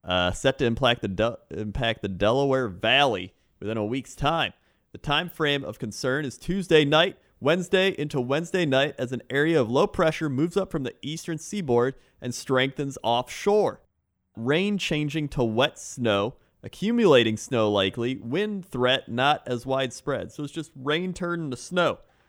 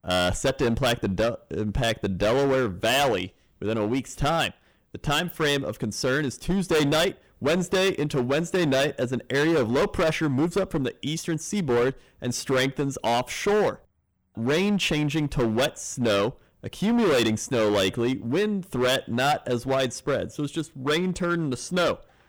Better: first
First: none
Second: distortion; heavy; 14% of the sound clipped

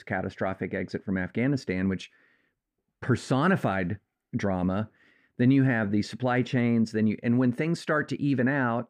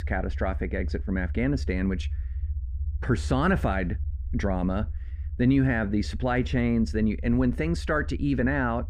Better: first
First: none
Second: low rumble; faint; throughout; 25 dB below the speech

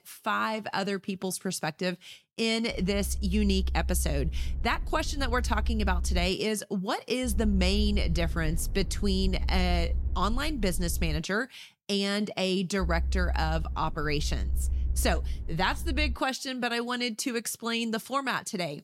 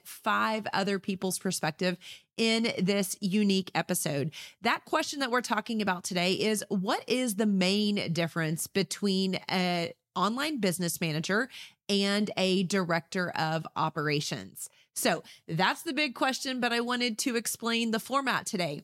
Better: second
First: low rumble; faint; from 2.5 to 6.5 s, from 7.5 to 11 s and from 13 to 16 s; 20 dB below the speech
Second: none

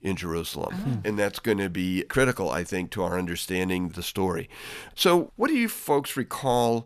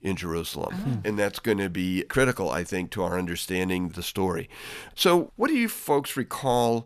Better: neither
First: none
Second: none

